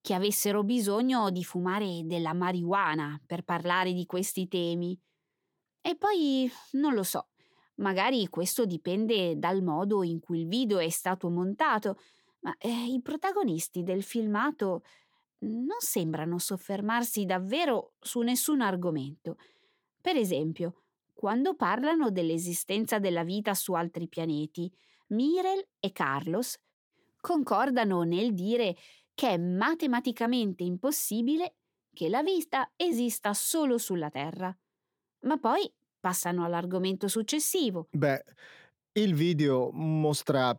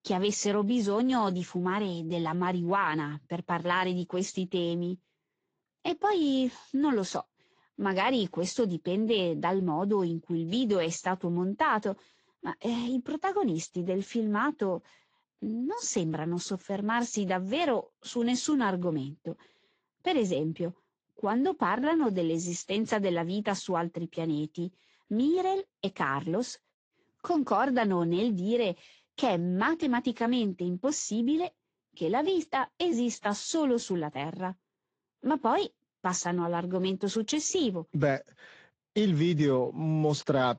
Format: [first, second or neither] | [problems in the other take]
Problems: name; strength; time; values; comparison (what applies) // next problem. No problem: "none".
first | garbled, watery; slightly; nothing above 7.5 kHz